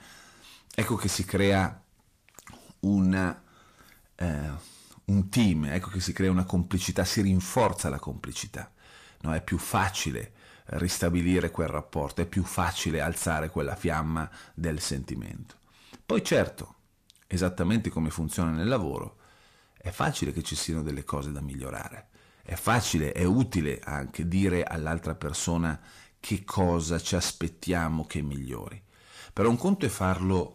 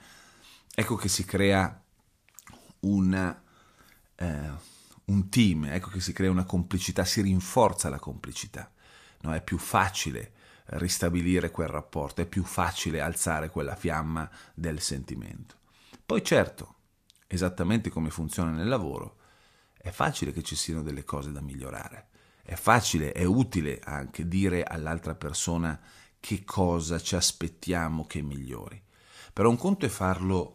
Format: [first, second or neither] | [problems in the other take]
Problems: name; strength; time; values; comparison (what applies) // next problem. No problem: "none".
second | distortion; slight; 10 dB below the speech